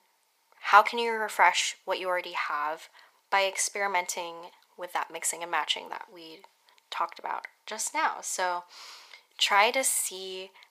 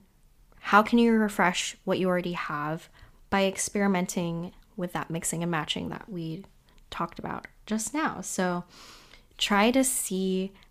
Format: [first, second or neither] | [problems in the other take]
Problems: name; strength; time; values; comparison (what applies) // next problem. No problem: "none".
second | thin; very; fading below 550 Hz